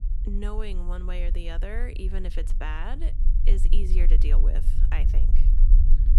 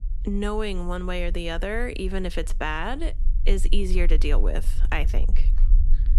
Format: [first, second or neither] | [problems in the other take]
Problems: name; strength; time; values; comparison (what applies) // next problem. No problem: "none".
second | low rumble; loud; throughout; 9 dB below the speech; faint in the second